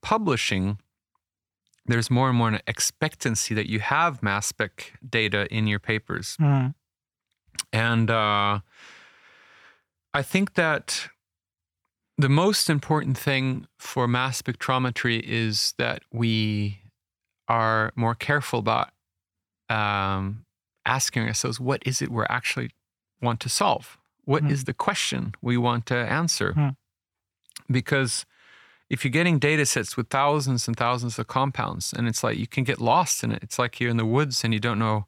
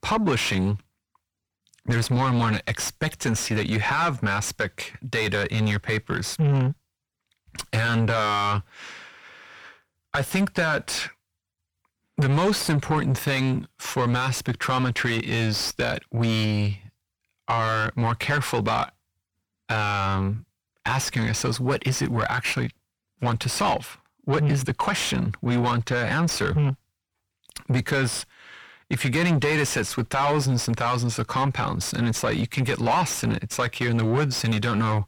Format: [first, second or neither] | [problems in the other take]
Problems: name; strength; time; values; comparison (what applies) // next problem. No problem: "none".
first | distortion; heavy; 6 dB below the speech